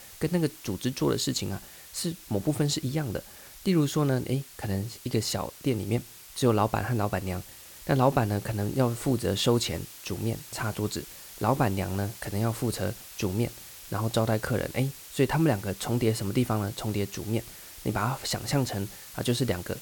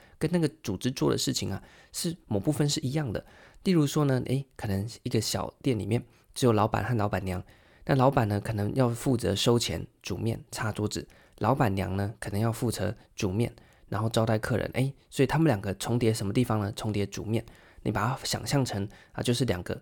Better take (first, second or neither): second